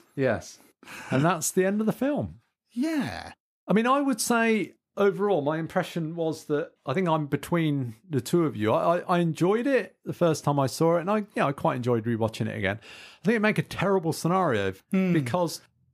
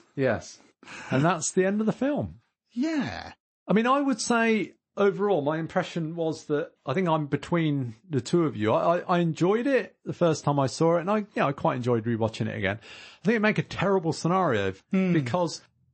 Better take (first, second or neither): first